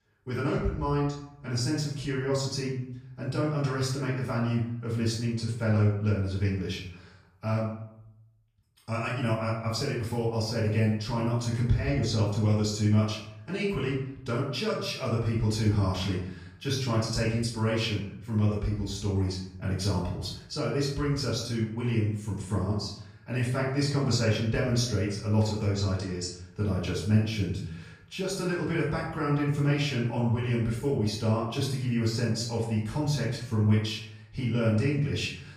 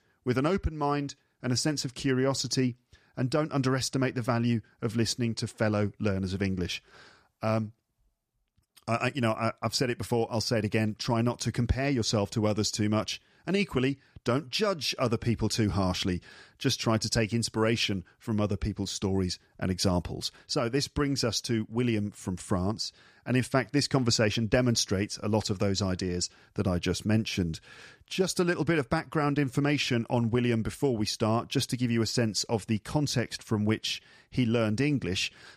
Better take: second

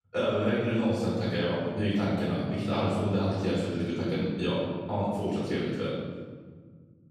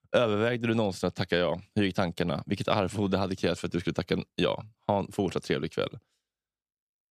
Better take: second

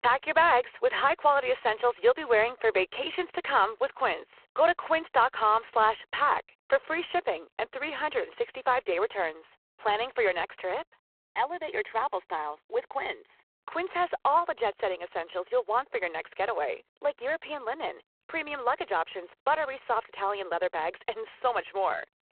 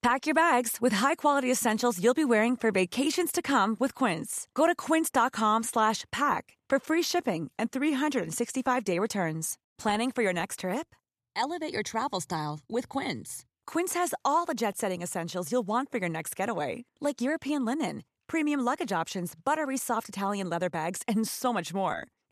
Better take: second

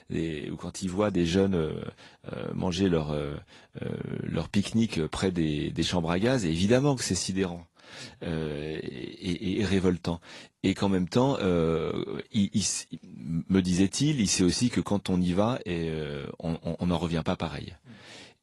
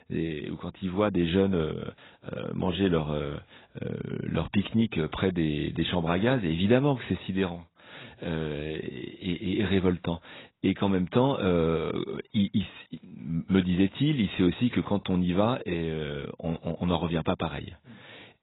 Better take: first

